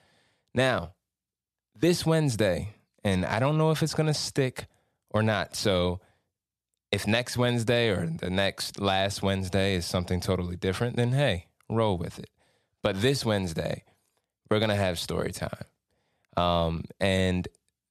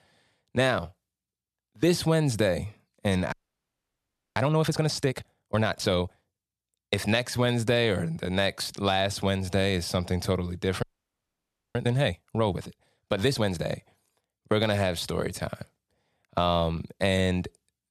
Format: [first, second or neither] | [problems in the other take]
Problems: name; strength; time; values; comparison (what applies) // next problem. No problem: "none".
first | audio freezing; at 3.5 s for 1 s and at 11 s for 1 s